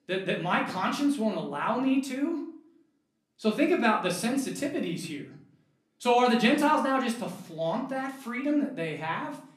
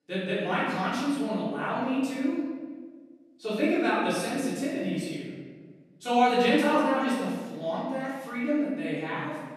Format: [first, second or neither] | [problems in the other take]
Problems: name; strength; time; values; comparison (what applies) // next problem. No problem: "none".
first | room echo; strong; dies away in 1.4 s; slight in the first // off-mic speech; far; far in the first